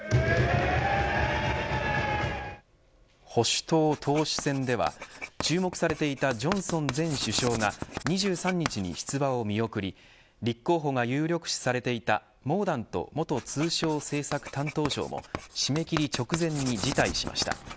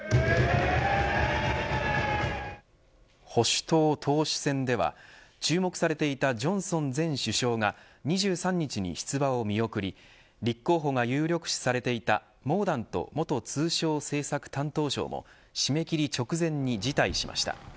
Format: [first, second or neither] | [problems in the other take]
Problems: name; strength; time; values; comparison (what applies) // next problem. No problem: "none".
second | background sound (Writing); 12 dB below the speech